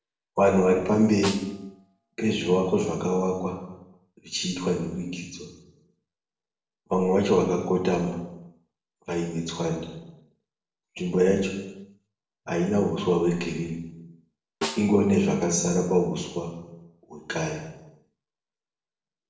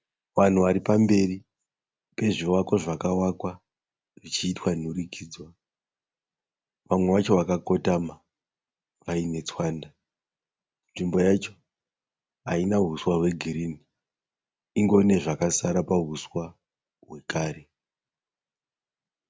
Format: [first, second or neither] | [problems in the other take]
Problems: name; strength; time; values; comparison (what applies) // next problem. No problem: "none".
second | noise reduction (neural separator model SepFormer DNS4)